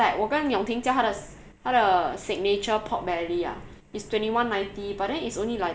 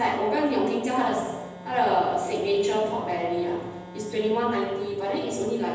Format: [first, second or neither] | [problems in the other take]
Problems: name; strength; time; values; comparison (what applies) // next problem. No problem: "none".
first | background sound (Organ); 17 dB below the speech // room echo; dies away in 1.1 s